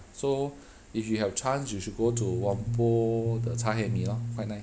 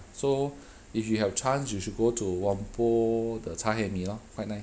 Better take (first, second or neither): second